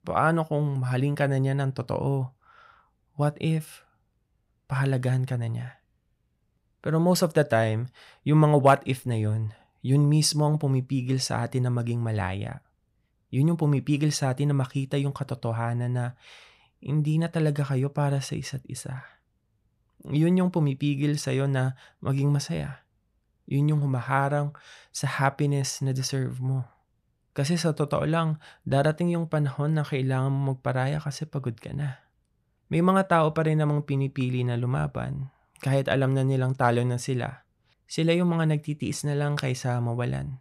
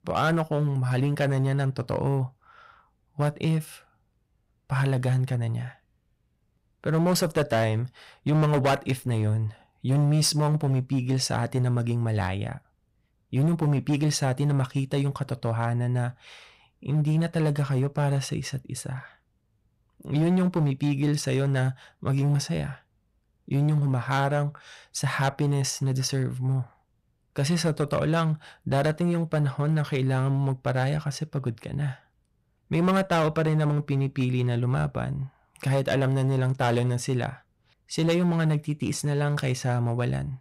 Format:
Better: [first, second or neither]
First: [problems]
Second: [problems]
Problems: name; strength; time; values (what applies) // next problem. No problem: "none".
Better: first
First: none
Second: distortion; slight; 7% of the sound clipped